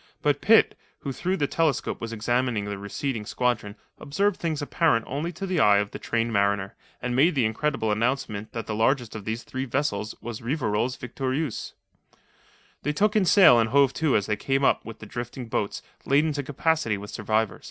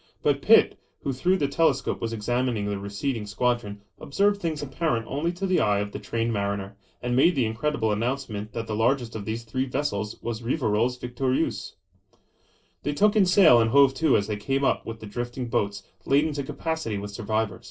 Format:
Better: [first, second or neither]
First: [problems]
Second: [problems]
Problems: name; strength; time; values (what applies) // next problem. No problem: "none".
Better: first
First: none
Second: noise reduction (neural separator model SepFormer DNS4)